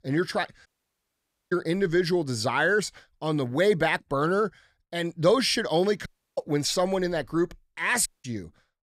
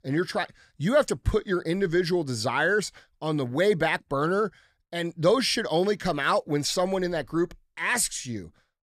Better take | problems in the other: second | audio cutting out; at 0.5 s for 1 s, at 6 s and at 8 s

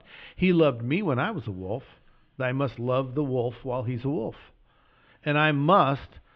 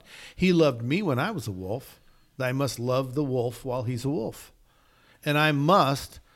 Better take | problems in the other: second | muffled; very; fading above 3 kHz

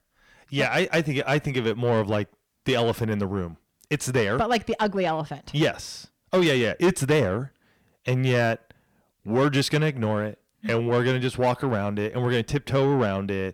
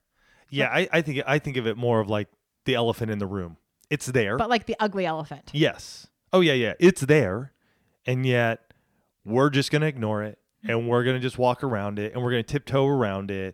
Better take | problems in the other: second | distortion; slight; 10 dB below the speech

